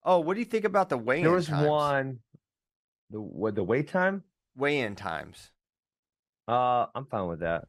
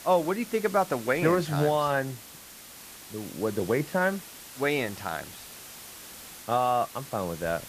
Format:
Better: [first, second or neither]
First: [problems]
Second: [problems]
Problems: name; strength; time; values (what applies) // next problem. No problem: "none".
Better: first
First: none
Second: hiss; noticeable; throughout; 15 dB below the speech